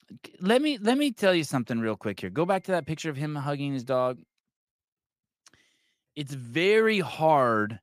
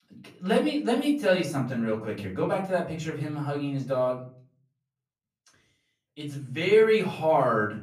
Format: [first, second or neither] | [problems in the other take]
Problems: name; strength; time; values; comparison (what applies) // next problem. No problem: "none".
first | off-mic speech; far // room echo; slight; dies away in 0.5 s